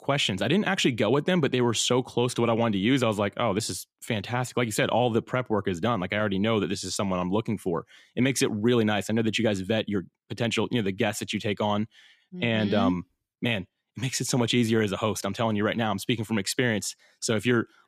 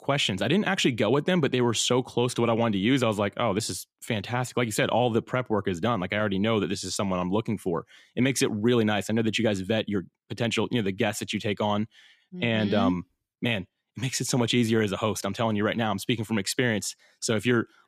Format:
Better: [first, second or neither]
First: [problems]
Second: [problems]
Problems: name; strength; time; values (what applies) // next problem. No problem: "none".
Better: neither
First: none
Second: none